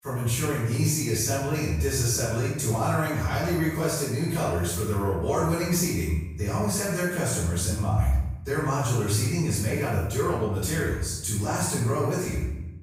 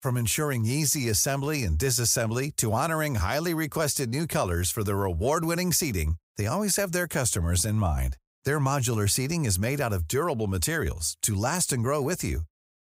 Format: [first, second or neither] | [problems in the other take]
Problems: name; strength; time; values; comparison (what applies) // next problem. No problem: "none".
second | room echo; strong; dies away in 0.8 s // off-mic speech; far